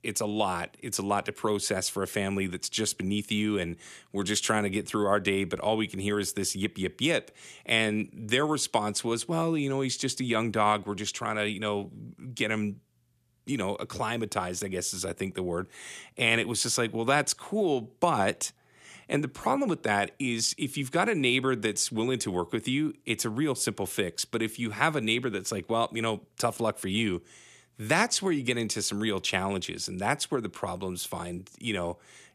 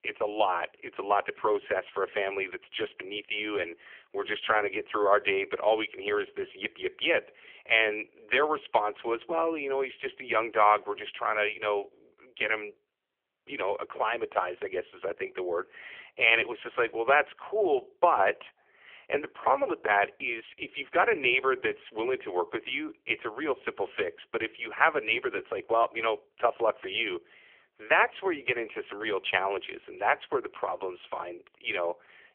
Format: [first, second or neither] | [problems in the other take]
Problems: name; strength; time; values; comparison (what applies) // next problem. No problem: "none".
first | phone-call audio; poor line; nothing above 3.5 kHz